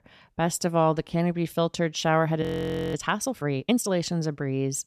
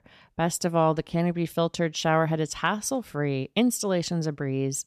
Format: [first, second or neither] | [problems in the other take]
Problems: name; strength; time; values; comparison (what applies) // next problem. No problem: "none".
second | audio freezing; at 2.5 s for 0.5 s